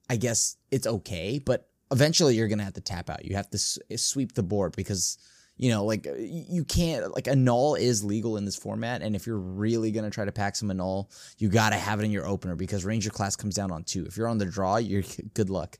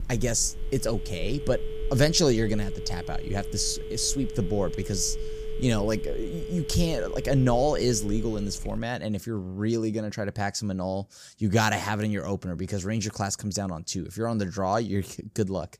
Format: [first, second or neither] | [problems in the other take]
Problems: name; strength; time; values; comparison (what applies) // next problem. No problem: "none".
first | phone ringing; noticeable; until 9 s; peak 8 dB below the speech